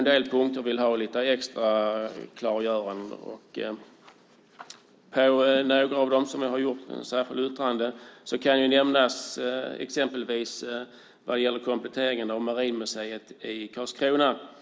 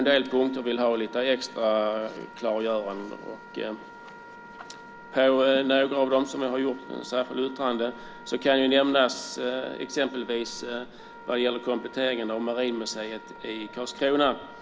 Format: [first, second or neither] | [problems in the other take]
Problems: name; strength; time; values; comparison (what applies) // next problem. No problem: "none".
first | background sound (Wind instrument, woodwind instrument + Mechanisms); 18 dB below the speech